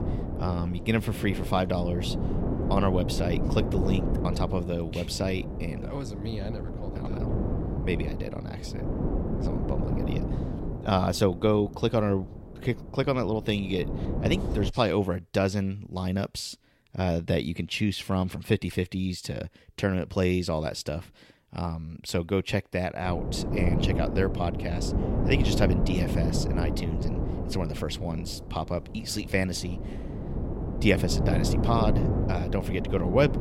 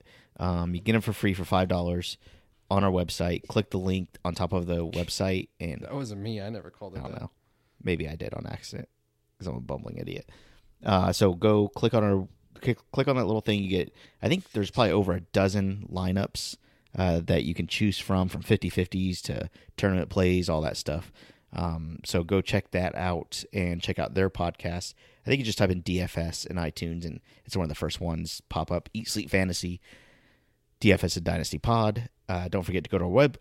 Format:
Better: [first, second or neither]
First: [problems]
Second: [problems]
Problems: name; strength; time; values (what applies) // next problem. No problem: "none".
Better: second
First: wind noise on the microphone; heavy; until 15 s and from 23 s on; 6 dB below the speech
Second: none